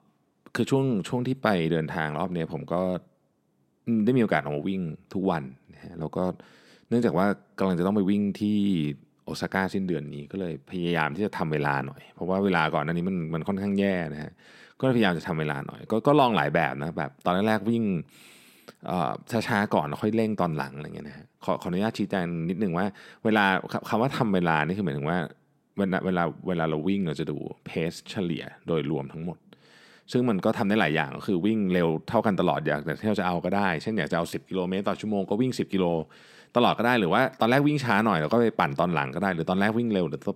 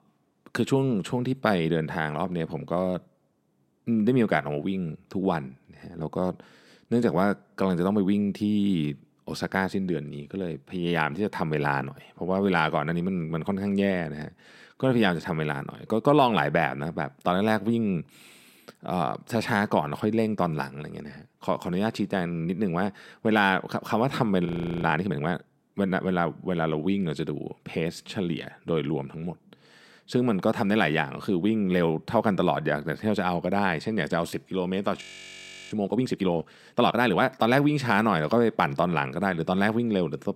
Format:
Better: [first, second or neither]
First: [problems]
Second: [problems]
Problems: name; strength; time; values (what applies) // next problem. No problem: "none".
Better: first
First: none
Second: audio freezing; at 24 s and at 35 s for 0.5 s